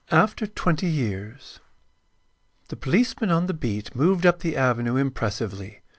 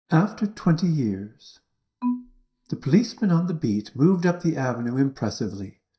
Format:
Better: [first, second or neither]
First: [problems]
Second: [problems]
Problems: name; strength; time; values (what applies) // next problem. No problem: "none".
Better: first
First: none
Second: noise reduction (neural mask model DeepFilterNet 3)